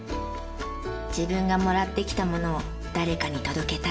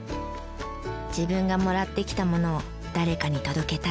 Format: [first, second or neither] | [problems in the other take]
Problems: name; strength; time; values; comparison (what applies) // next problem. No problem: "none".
second | room echo; dies away in 0.6 s